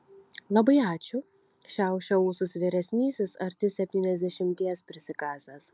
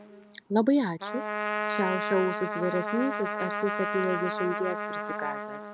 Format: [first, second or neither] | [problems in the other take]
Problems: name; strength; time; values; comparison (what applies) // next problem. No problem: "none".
first | background sound (Trumpet); 3 dB below the speech